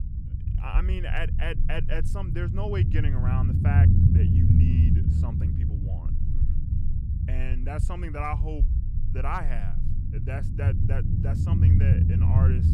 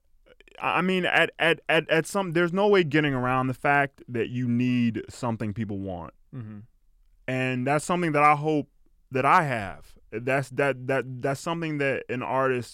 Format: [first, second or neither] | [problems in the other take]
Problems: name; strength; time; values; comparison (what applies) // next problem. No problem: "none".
second | low rumble; loud; throughout; 2 dB below the speech